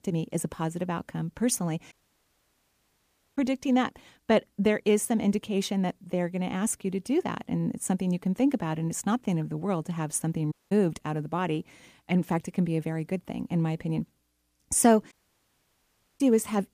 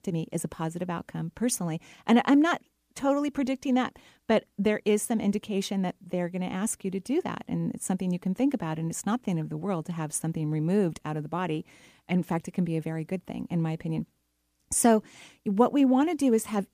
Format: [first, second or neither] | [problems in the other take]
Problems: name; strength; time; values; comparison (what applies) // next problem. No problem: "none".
second | audio cutting out; at 2 s for 1.5 s, at 11 s and at 15 s for 1 s